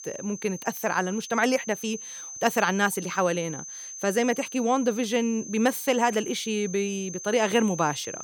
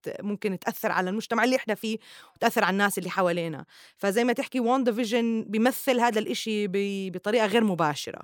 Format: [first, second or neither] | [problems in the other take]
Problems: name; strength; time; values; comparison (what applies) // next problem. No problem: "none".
second | high-pitched whine; noticeable; throughout; 6.5 kHz, 10 dB below the speech